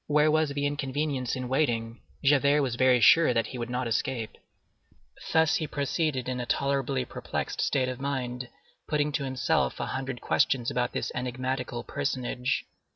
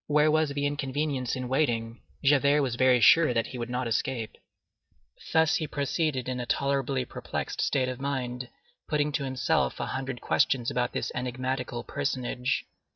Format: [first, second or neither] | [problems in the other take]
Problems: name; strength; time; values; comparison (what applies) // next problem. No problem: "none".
first | noise reduction (neural mask model DeepFilterNet 3)